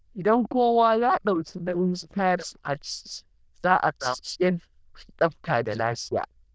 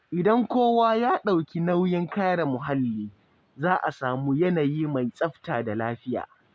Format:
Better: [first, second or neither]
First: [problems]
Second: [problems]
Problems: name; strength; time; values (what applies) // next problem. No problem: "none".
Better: second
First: noise reduction (neural diffusion model UNIVERSE++)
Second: none